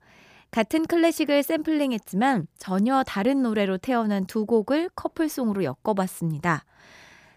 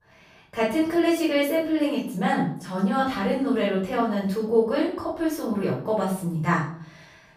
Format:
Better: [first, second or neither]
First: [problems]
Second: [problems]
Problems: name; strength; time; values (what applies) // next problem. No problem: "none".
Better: first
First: none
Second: off-mic speech; far // room echo; noticeable; dies away in 0.5 s